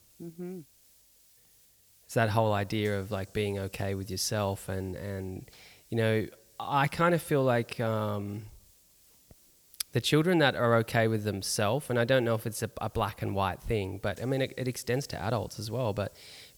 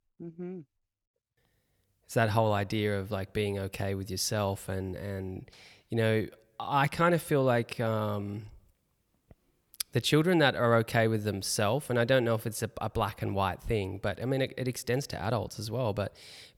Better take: second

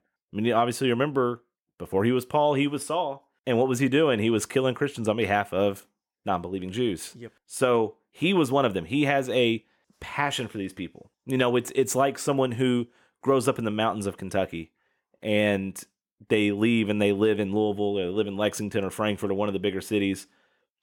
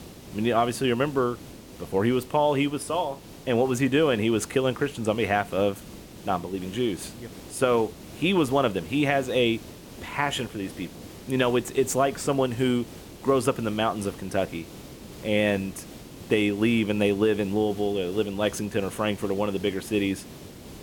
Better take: first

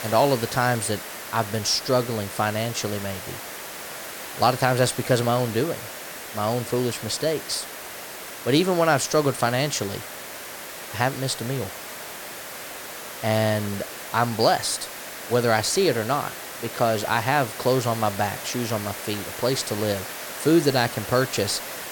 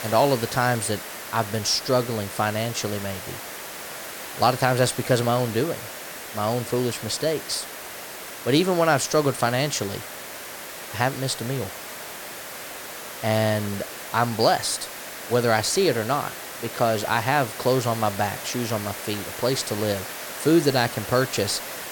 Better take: neither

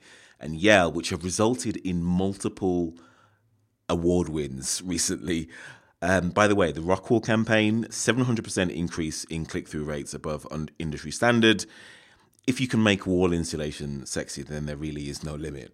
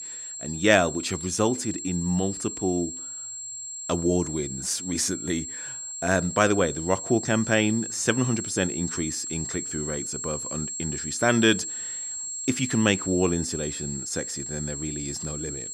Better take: first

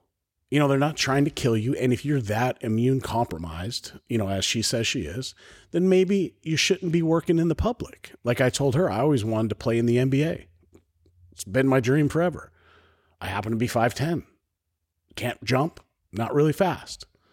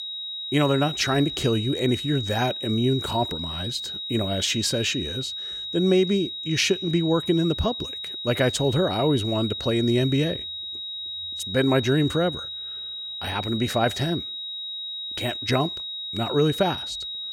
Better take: first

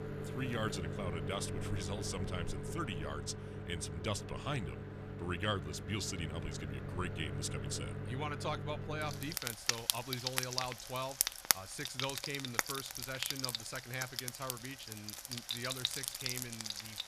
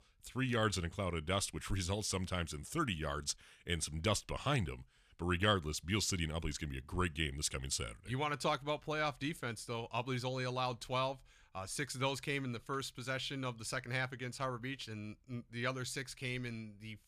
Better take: second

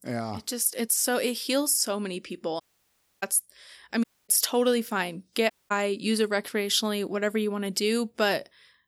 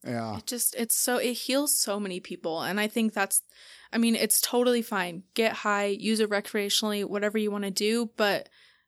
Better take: second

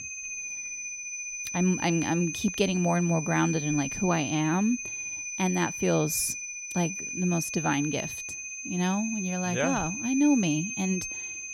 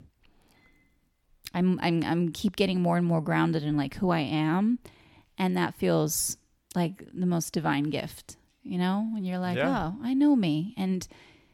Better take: second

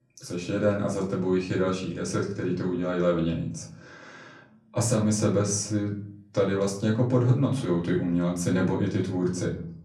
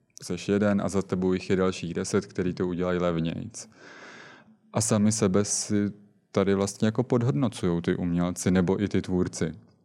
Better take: second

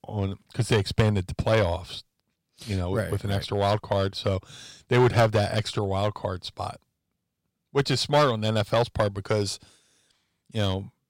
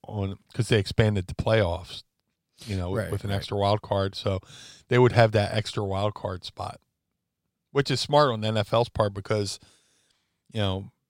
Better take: second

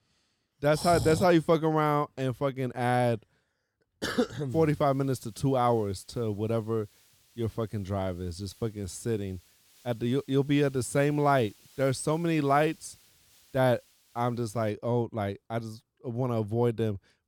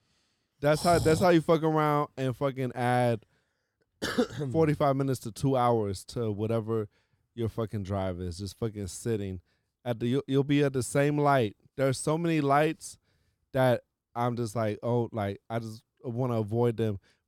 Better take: second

